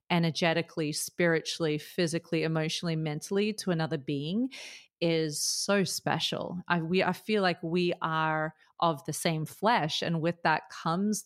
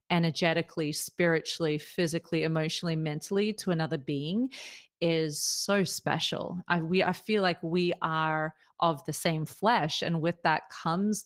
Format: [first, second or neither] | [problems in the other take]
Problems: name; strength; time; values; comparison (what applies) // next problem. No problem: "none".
first | garbled, watery; slightly; nothing above 16 kHz